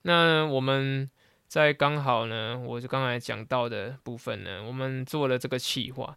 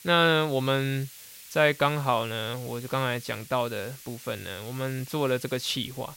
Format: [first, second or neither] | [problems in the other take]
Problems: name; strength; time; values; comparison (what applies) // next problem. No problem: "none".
first | hiss; noticeable; throughout; 15 dB below the speech